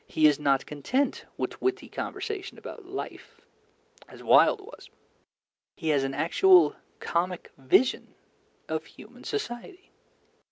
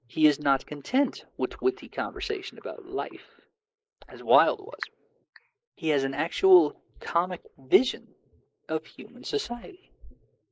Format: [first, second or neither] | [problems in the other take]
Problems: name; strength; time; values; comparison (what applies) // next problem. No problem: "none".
first | noise reduction (neural mask model Resemble Enhance denoiser)